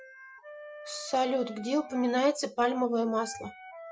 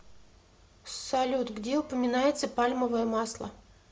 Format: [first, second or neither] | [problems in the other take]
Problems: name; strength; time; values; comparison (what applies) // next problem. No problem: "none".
second | noise reduction (classical method Wiener filter)